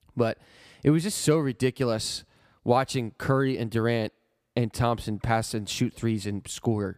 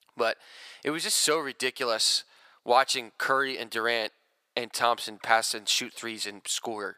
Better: first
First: none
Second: thin; very; fading below 750 Hz

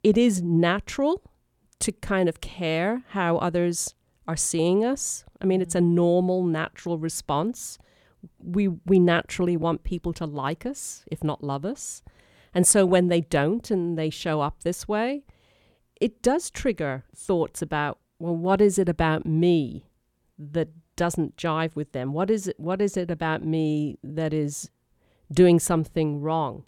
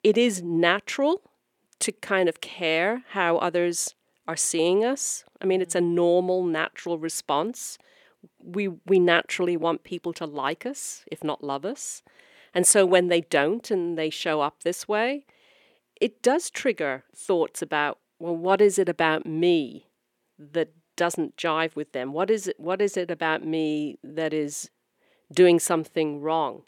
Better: first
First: none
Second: thin; somewhat; fading below 350 Hz

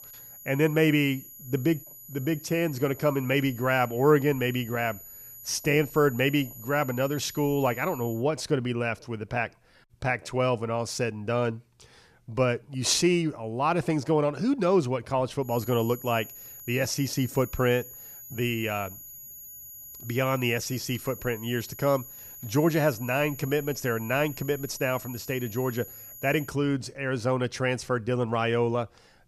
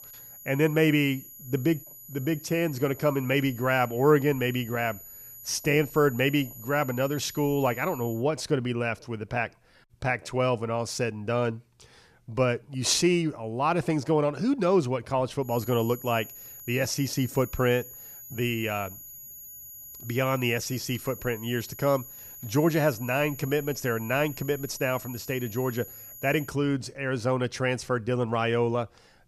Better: neither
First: high-pitched whine; noticeable; until 8 s and from 15 to 26 s; 11.5 kHz, 15 dB below the speech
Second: high-pitched whine; noticeable; until 8 s and from 15 to 26 s; 11.5 kHz, 15 dB below the speech

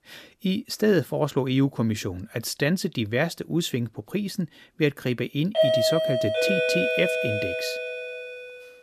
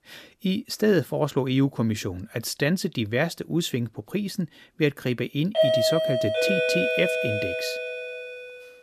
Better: neither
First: doorbell; loud; from 5.5 to 8 s; peak 6 dB above the speech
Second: doorbell; loud; from 5.5 to 8 s; peak 6 dB above the speech

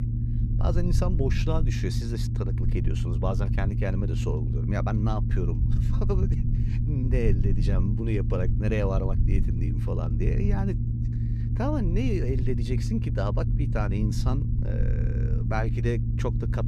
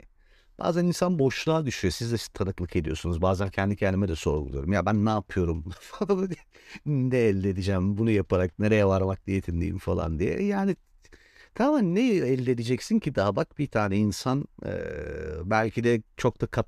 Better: second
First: low rumble; loud; throughout; 5 dB below the speech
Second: none

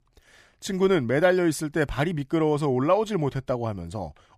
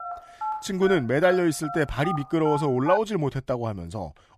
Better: first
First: none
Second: phone ringing; noticeable; until 3 s; peak 8 dB below the speech

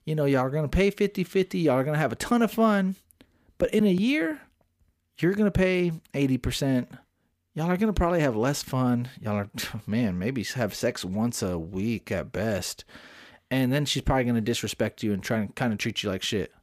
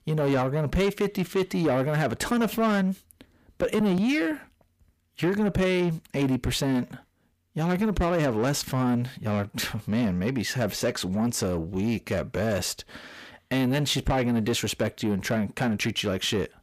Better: first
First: none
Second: distortion; slight; 10 dB below the speech

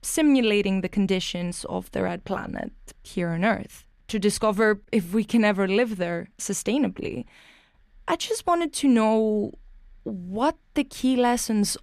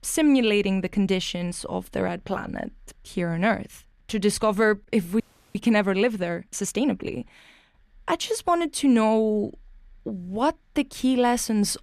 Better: first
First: none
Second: audio freezing; at 5 s

